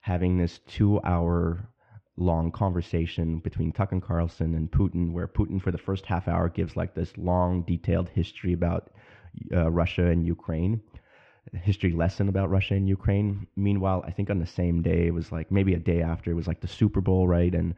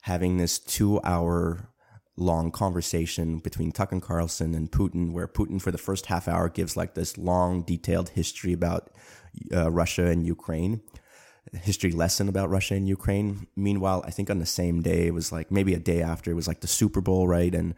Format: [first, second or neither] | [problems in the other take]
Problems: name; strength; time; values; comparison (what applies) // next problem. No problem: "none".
second | muffled; very; fading above 3 kHz